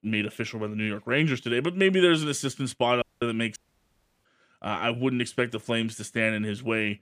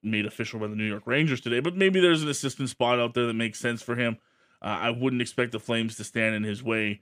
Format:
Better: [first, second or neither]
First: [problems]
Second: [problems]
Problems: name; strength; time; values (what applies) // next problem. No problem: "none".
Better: second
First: audio cutting out; at 3 s and at 3.5 s for 0.5 s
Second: none